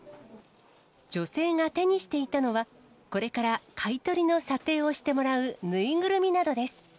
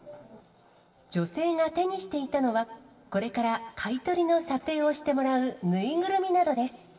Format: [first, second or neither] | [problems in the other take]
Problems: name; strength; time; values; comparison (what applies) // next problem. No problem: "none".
first | room echo; dies away in 2.1 s